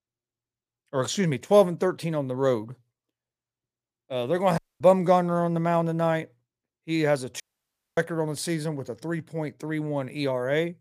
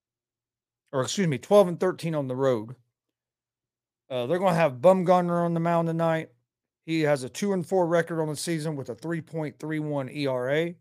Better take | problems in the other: second | audio cutting out; at 4.5 s and at 7.5 s for 0.5 s

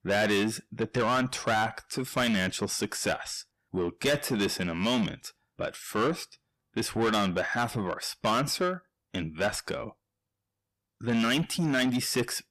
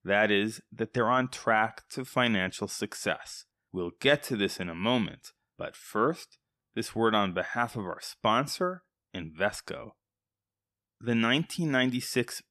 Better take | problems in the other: second | distortion; heavy; 7 dB below the speech

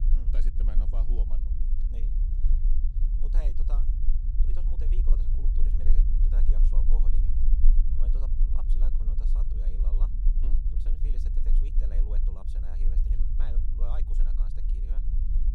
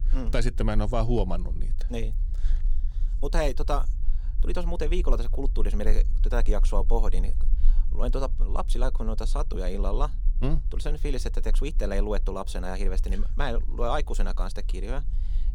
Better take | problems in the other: second | low rumble; loud; throughout; as loud as the speech; faint in the second

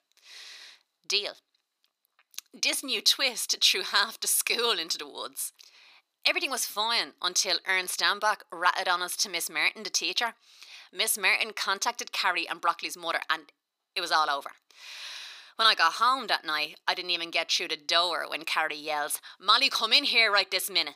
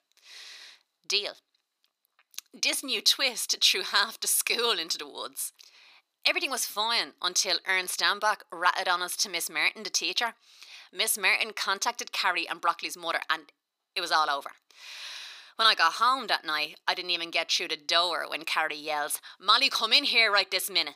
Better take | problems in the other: neither | thin; very; fading below 850 Hz; the same in both

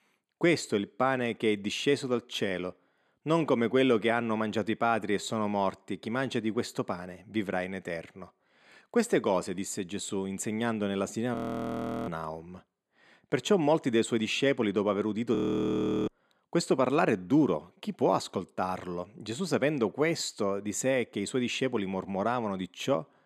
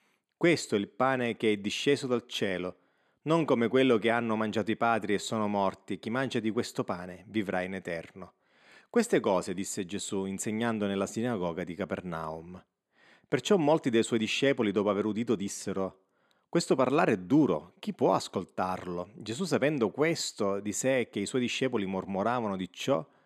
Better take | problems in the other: second | audio freezing; at 11 s for 0.5 s and at 15 s for 0.5 s

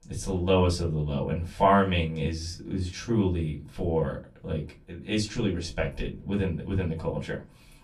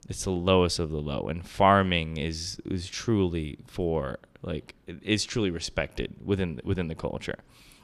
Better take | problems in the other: second | off-mic speech; far // room echo; very slight; dies away in 0.2 s

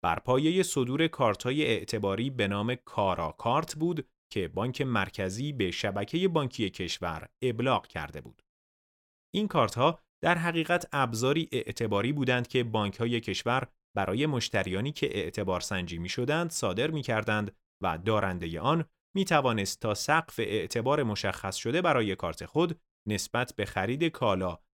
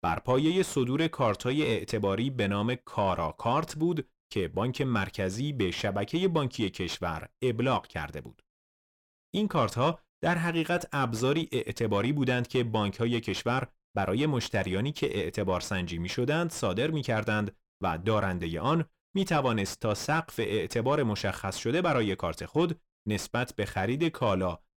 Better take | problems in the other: first | distortion; slight; 10 dB below the speech

